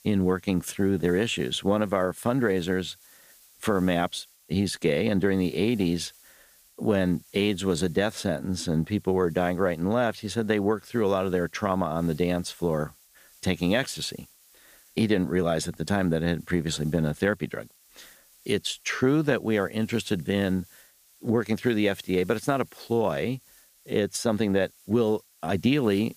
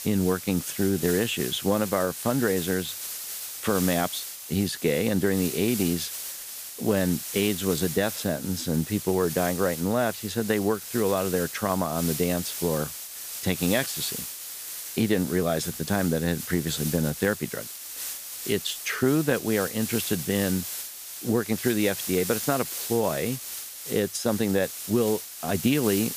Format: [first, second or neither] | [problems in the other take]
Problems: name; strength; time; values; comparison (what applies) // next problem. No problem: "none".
first | hiss; loud; throughout; 7 dB below the speech; faint in the first